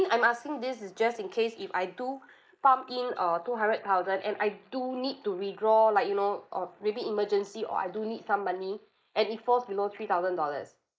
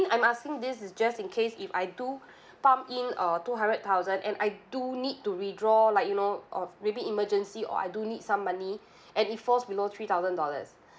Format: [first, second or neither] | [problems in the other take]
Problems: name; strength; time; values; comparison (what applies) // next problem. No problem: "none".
second | noise reduction (neural mask model Resemble Enhance denoiser)